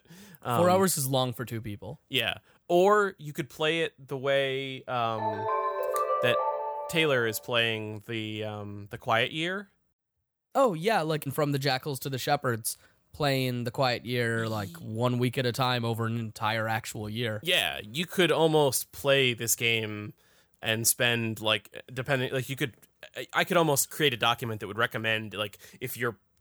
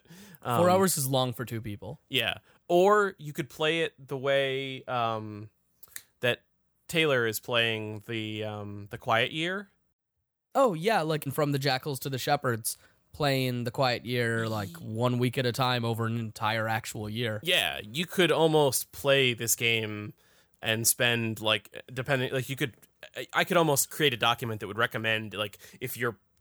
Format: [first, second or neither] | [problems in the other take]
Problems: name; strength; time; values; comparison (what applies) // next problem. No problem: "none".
second | phone ringing; noticeable; from 5 to 7 s; peak level with the speech